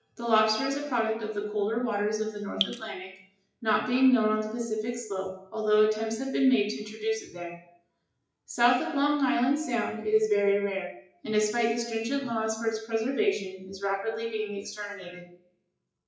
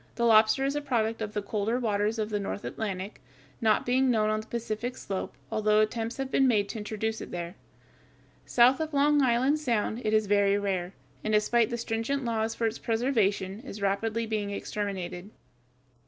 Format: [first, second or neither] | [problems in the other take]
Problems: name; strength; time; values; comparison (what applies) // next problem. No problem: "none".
second | noise reduction (classical method WPE with log-MMSE)